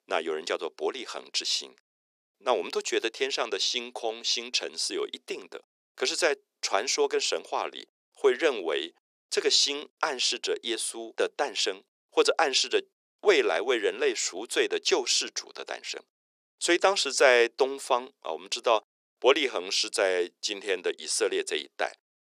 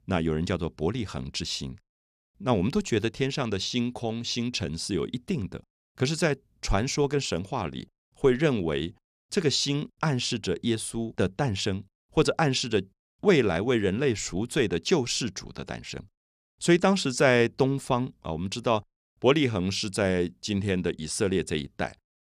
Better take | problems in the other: second | thin; very; fading below 400 Hz

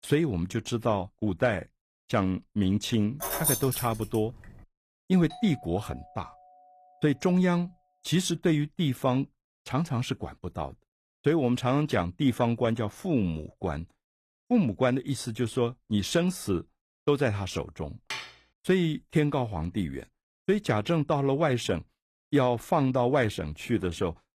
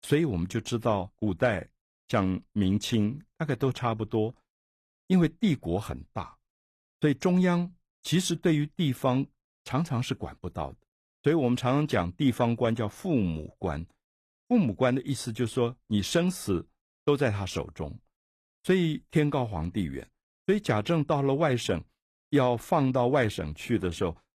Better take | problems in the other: second | jangling keys; loud; at 3 s; peak 2 dB above the speech // doorbell; faint; from 5.5 to 7 s; peak 15 dB below the speech // clattering dishes; noticeable; at 18 s; peak 9 dB below the speech

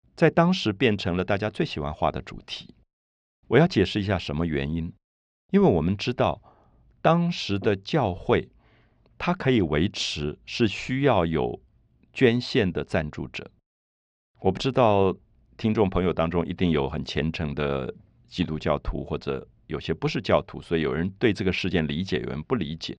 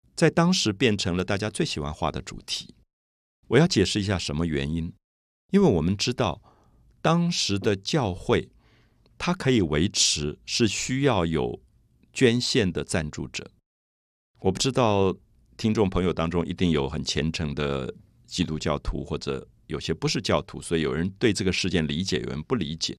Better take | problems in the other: second | muffled; slightly; fading above 2.5 kHz

